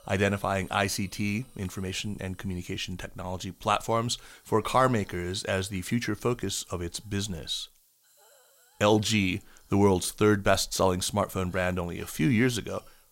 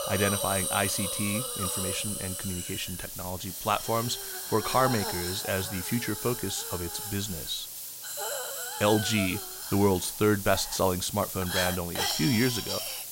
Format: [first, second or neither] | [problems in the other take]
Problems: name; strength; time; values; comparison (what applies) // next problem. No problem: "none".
first | hiss; loud; throughout; 3 dB below the speech; faint in the first